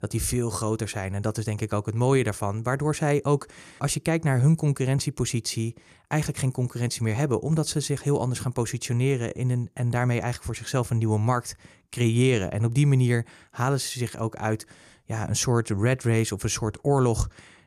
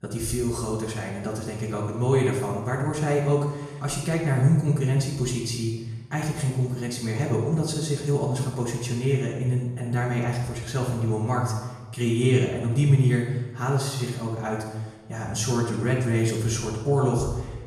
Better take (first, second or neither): first